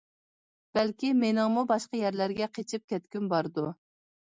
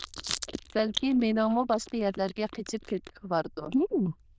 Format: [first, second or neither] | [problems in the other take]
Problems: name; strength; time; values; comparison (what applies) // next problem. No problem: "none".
first | noise reduction (neural diffusion model UNIVERSE++)